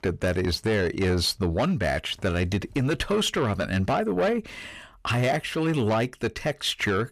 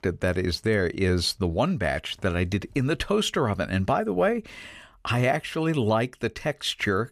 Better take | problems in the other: second | distortion; slight; 10 dB below the speech

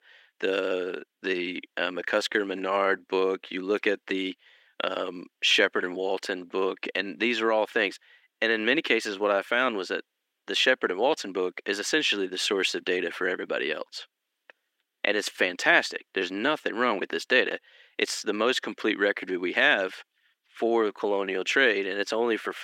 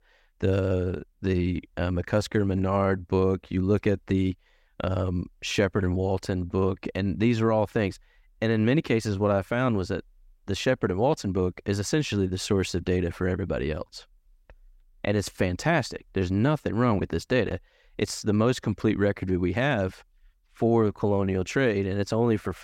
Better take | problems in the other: second | thin; somewhat; fading below 300 Hz

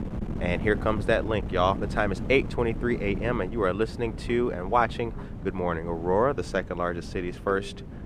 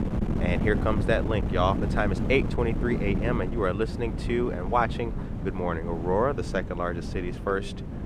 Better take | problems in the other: first | wind noise on the microphone; heavy; 10 dB below the speech; occasional gusts in the first

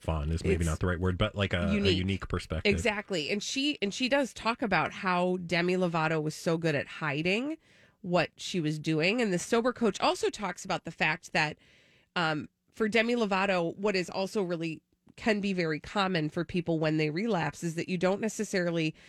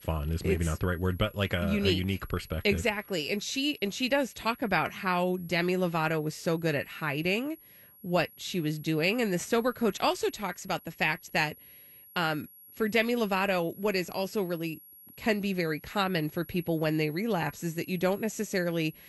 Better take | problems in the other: first | high-pitched whine; faint; throughout; 11.5 kHz, 20 dB below the speech

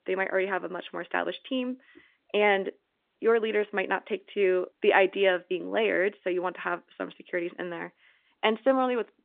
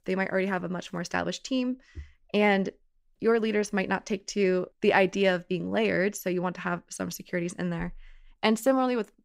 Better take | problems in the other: second | phone-call audio

